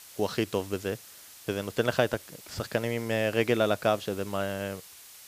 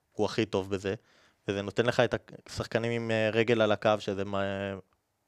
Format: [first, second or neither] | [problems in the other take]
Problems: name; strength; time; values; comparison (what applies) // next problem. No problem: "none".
second | hiss; noticeable; throughout; 15 dB below the speech